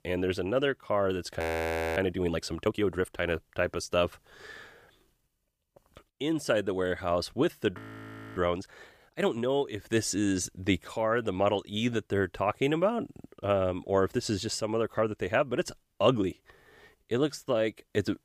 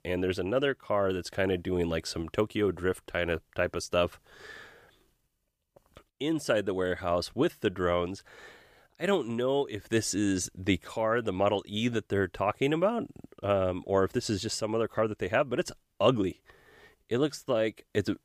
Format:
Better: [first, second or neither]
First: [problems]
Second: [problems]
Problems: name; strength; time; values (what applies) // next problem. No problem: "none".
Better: second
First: audio freezing; at 1.5 s for 0.5 s and at 8 s for 0.5 s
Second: none